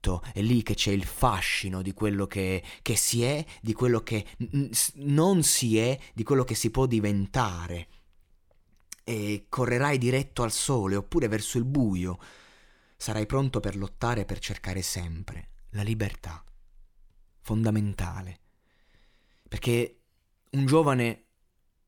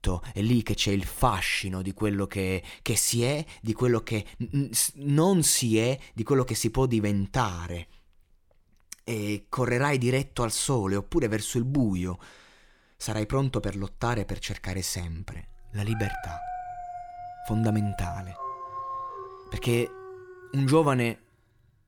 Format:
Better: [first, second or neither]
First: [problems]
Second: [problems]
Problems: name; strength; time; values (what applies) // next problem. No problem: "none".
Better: first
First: none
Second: dog barking; noticeable; from 16 to 21 s; peak 8 dB below the speech